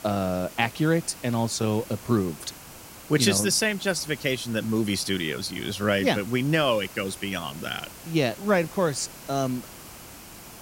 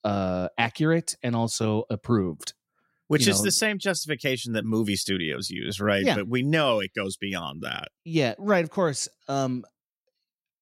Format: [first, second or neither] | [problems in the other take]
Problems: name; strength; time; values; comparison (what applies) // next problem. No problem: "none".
second | hiss; noticeable; throughout; 15 dB below the speech